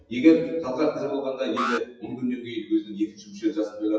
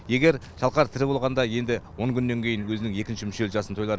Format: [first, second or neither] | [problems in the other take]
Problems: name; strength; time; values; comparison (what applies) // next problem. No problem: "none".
second | noise reduction (classical method WPE with log-MMSE)